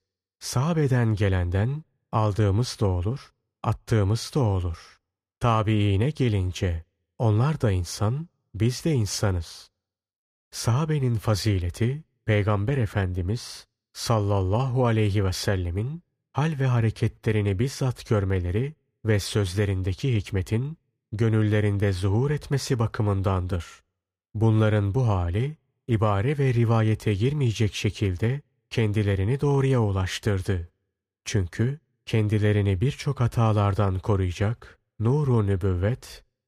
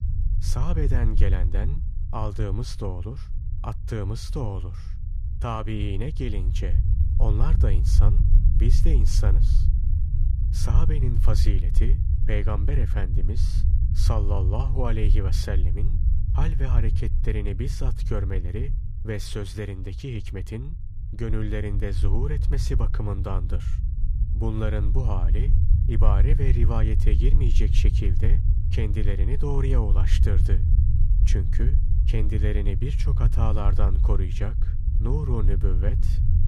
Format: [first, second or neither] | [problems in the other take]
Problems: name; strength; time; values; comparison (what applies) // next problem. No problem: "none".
first | low rumble; loud; throughout; 7 dB below the speech